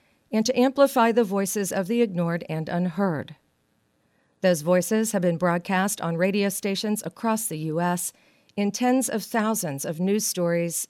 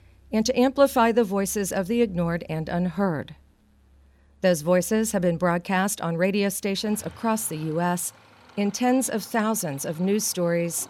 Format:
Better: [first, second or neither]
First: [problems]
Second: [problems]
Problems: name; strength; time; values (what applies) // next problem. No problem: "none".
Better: first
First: none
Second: traffic noise; faint; throughout; 25 dB below the speech